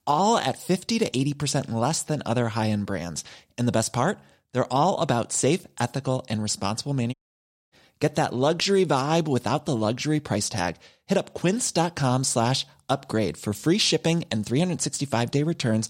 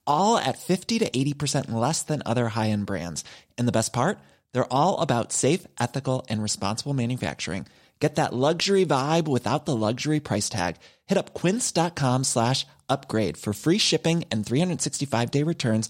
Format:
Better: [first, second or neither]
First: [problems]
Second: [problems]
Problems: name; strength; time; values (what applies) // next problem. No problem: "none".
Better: second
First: audio cutting out; at 7 s for 0.5 s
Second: none